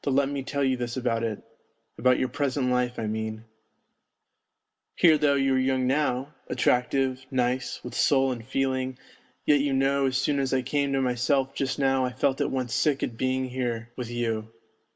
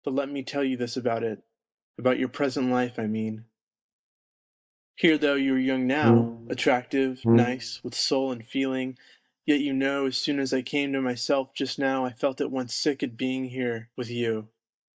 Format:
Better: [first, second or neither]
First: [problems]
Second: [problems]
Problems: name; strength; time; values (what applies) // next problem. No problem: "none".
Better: first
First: none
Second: noise reduction (neural mask model DeepFilterNet 3)